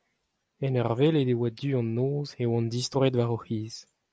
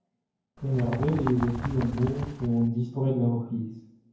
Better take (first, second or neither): first